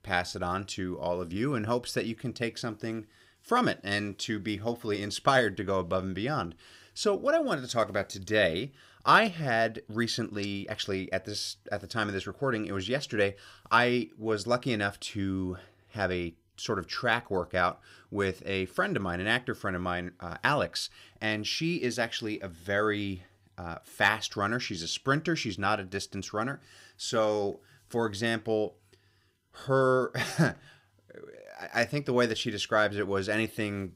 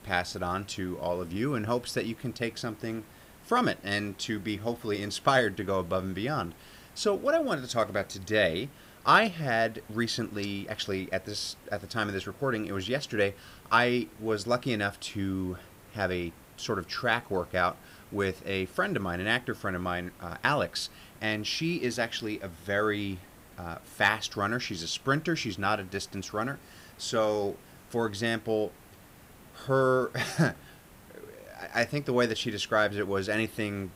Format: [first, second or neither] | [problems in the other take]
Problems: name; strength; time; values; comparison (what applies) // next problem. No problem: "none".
first | hiss; faint; throughout; 25 dB below the speech